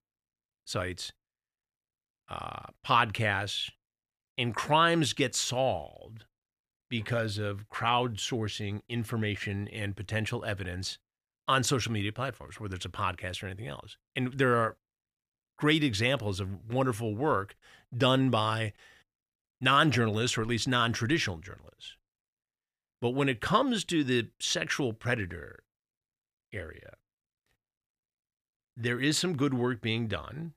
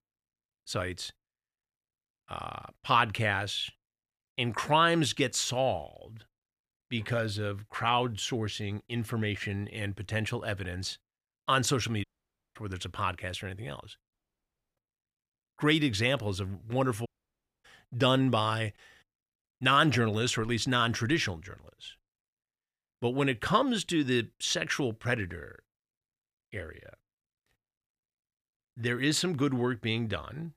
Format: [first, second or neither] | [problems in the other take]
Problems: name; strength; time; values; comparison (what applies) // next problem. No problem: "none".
first | audio cutting out; at 12 s for 0.5 s, at 14 s for 0.5 s and at 17 s for 0.5 s